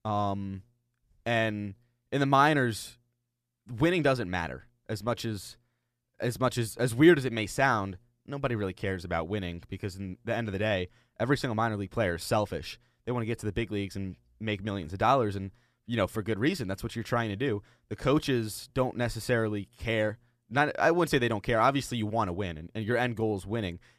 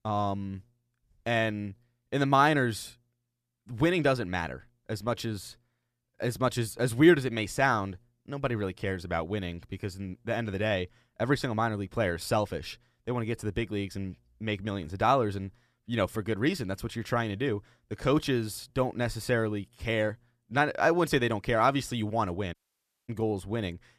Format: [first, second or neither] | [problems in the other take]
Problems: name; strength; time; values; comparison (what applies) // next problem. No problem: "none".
first | audio cutting out; at 23 s for 0.5 s